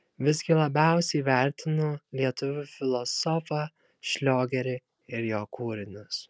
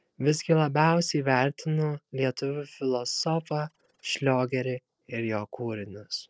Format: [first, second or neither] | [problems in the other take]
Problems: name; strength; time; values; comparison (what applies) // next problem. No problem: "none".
first | noise reduction (neural separator model SepFormer DNS4)